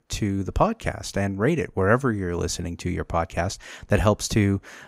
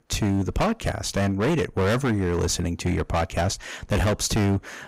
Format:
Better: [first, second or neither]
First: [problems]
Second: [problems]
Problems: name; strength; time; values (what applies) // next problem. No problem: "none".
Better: first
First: none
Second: distortion; heavy; 18% of the sound clipped